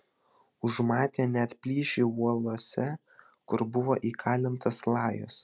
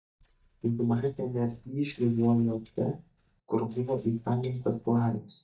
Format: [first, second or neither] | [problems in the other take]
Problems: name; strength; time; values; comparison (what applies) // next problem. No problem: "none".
first | noise reduction (neural mask model DeepFilterNet 3)